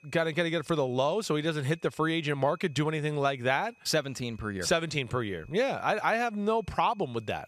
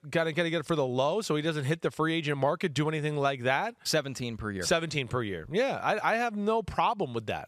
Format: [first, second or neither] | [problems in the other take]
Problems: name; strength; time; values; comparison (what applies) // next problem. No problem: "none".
second | high-pitched whine; faint; throughout; 2.5 kHz, 30 dB below the speech